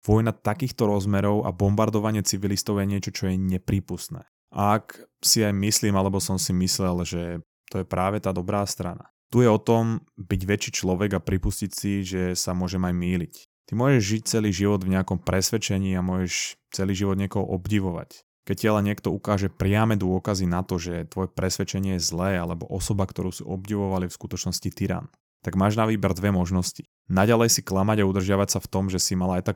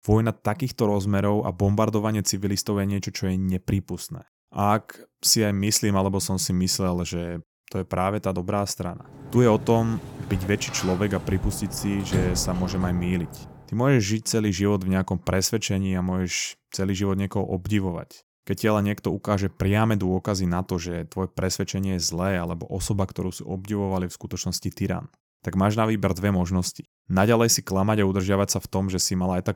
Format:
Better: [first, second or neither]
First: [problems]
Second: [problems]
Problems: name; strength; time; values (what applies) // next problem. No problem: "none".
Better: first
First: none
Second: door banging; noticeable; from 9.5 to 13 s; peak 2 dB below the speech